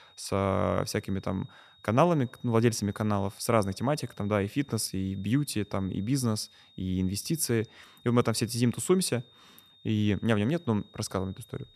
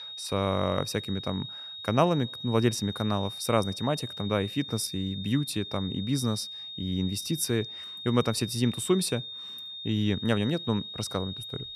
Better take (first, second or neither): first